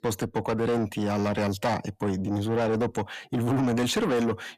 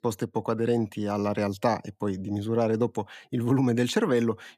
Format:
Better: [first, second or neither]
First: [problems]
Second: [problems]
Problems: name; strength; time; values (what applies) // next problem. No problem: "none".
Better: second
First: distortion; heavy; 8 dB below the speech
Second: none